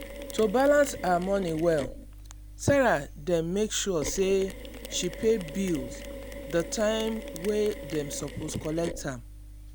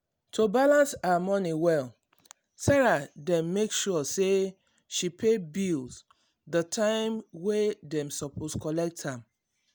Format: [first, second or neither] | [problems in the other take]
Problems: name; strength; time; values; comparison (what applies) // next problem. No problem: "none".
second | background sound (Mechanisms); 12 dB below the speech